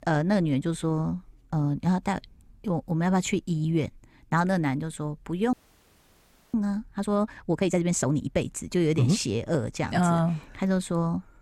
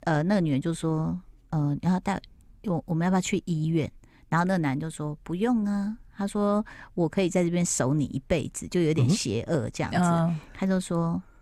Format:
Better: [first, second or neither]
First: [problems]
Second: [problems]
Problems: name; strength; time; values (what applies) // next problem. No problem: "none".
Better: second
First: audio freezing; at 5.5 s for 1 s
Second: none